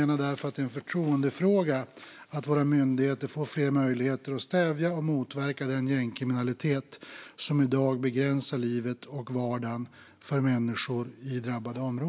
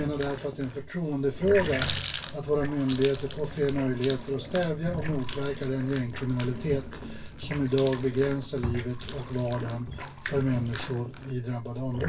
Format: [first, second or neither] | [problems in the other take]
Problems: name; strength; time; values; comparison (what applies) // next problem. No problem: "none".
first | background sound (Water tap, faucet); 7 dB below the speech // room echo; dies away in 0.2 s